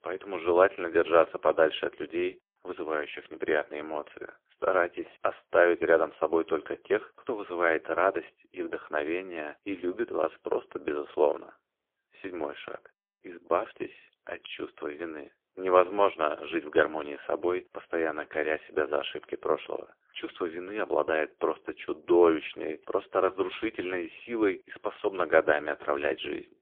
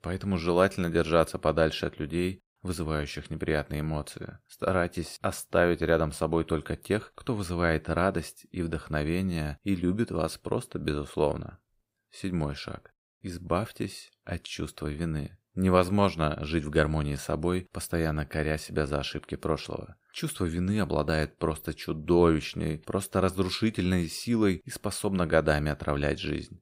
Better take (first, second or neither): second